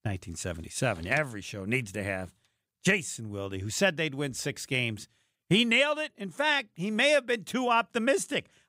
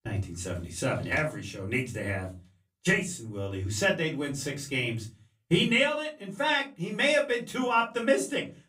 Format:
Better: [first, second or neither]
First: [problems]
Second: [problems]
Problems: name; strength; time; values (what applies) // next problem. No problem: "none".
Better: first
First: none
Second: off-mic speech; far // room echo; very slight; dies away in 0.3 s